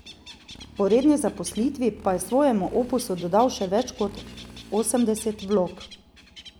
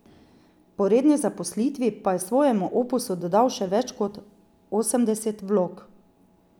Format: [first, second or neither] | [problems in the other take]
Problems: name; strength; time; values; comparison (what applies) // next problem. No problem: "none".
second | background sound (Bird + Motorcycle); 19 dB below the speech